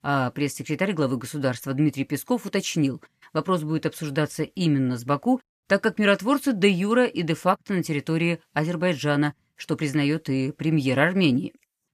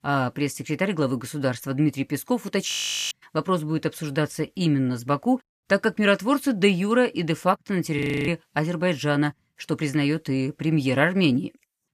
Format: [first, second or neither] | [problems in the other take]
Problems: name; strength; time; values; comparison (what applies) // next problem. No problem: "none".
first | audio freezing; at 2.5 s and at 8 s